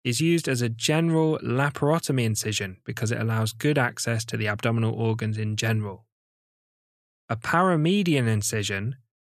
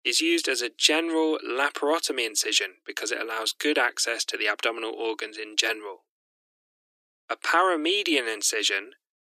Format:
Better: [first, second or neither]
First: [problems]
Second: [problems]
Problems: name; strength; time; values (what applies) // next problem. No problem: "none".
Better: first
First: none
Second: thin; very; fading below 300 Hz